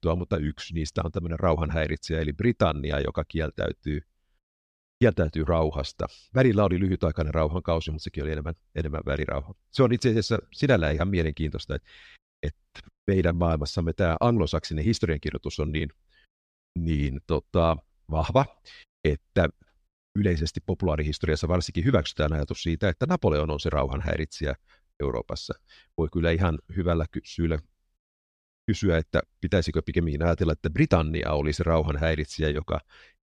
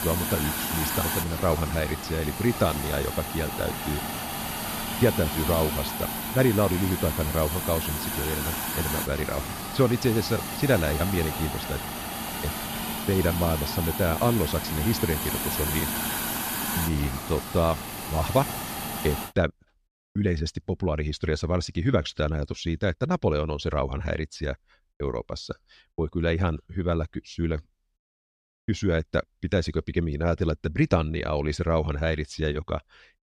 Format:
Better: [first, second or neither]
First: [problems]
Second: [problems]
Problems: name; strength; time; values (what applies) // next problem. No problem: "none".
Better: first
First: none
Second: hiss; loud; until 19 s; 3 dB below the speech